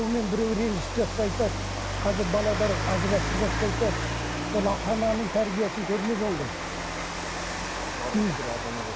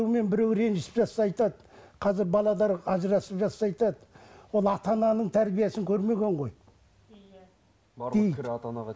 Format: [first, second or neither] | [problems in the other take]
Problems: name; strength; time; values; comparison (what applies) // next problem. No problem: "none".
second | background sound (Rain); 2 dB below the speech